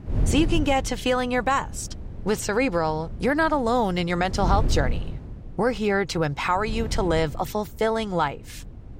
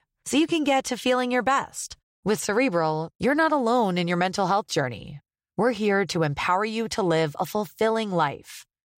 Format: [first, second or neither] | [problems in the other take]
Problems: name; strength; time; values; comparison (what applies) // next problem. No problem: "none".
second | wind noise on the microphone; occasional gusts; 20 dB below the speech